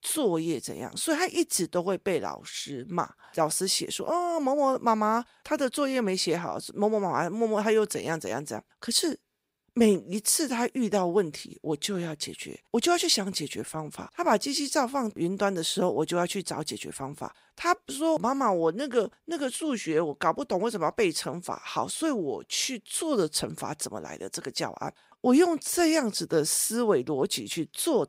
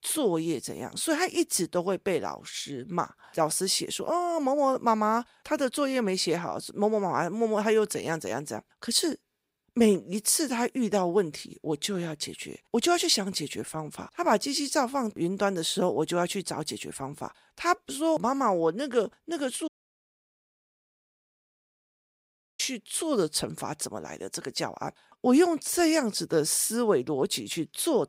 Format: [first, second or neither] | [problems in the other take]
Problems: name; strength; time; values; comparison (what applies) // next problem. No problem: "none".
first | audio cutting out; at 20 s for 3 s